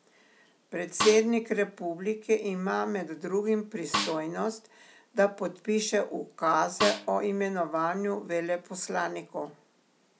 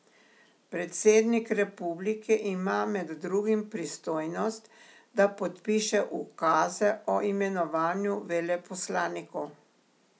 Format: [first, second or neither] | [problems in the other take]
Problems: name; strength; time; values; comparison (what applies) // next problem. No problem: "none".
second | background sound (Snare drum); 3 dB below the speech